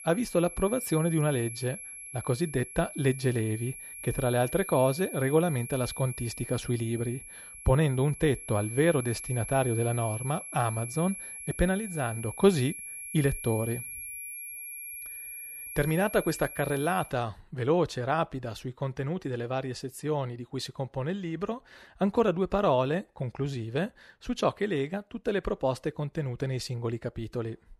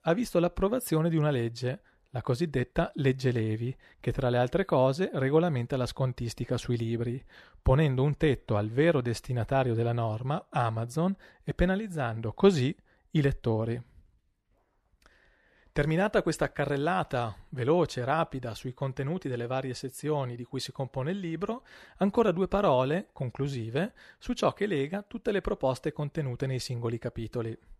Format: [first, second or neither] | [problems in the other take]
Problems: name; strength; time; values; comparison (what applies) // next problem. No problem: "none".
second | high-pitched whine; loud; until 17 s; 11.5 kHz, 9 dB below the speech